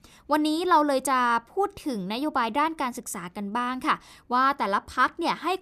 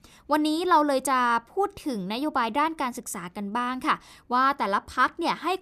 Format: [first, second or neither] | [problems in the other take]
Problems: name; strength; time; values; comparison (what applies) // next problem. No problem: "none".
neither | none